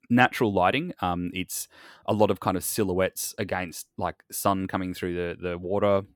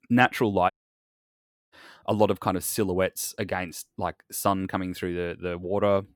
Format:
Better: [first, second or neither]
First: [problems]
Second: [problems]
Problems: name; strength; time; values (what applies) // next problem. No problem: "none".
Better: first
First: none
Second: audio cutting out; at 0.5 s for 1 s